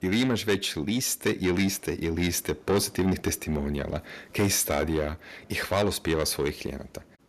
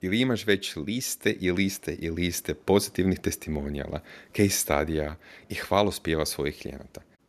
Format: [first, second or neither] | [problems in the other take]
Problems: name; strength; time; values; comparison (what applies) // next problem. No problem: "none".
second | distortion; heavy; 8 dB below the speech